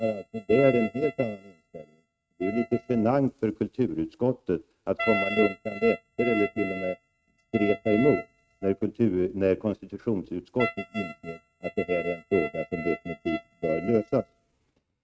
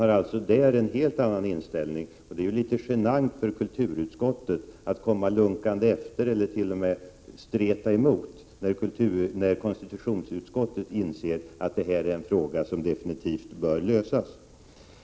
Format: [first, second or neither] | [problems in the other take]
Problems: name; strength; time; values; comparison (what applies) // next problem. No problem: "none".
second | noise reduction (neural mask model RNNoise)